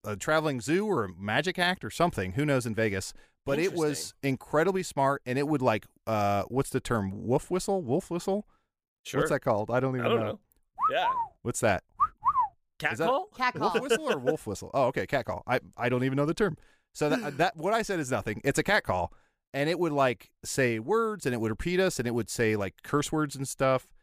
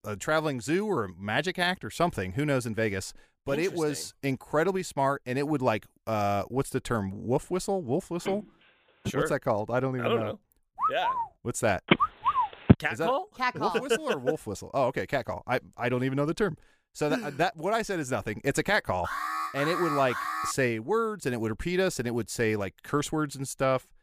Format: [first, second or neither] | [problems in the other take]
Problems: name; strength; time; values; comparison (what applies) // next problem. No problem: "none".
first | phone ringing; faint; at 8.5 s; peak 10 dB below the speech // phone ringing; loud; at 12 s; peak 6 dB above the speech // alarm; noticeable; from 19 to 21 s; peak 2 dB below the speech